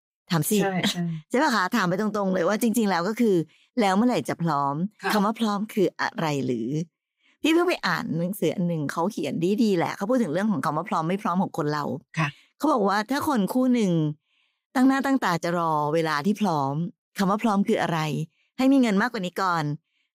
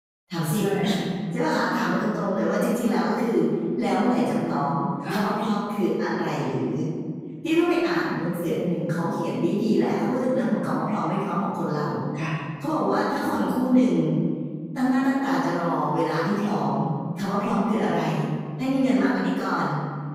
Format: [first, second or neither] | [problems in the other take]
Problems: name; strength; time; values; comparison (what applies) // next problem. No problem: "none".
first | room echo; strong; dies away in 1.9 s // off-mic speech; far